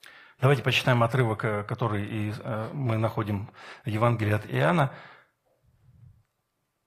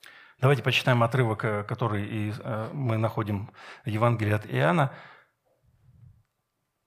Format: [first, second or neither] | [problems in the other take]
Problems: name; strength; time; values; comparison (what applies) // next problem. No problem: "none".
second | garbled, watery; slightly; nothing above 15 kHz